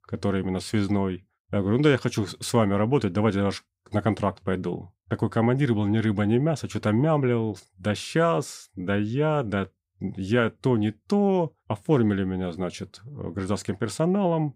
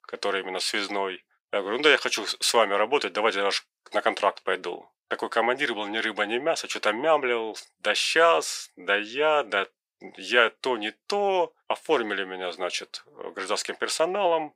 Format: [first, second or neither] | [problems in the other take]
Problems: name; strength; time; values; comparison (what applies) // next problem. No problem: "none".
first | thin; very; fading below 500 Hz